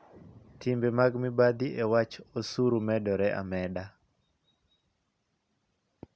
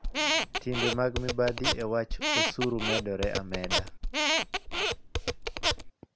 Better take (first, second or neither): first